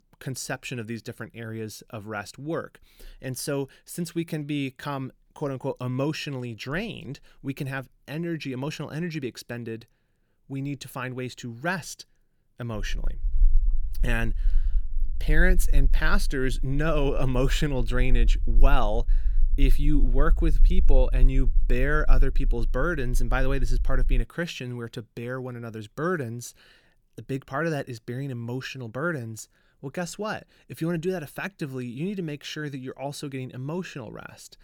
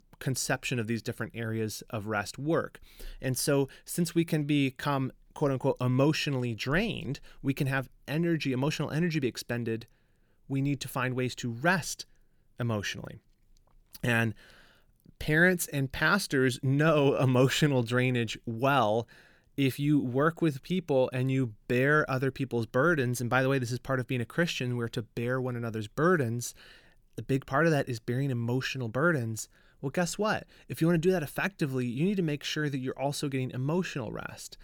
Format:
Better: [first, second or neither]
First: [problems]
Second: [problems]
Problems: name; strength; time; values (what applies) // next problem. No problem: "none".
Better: second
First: low rumble; faint; from 13 to 24 s; 25 dB below the speech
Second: none